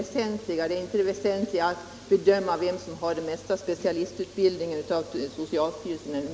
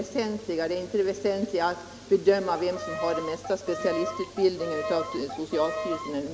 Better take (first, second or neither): first